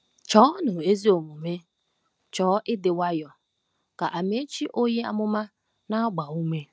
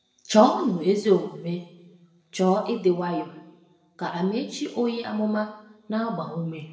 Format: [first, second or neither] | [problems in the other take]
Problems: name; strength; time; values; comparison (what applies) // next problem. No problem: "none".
first | room echo; dies away in 0.9 s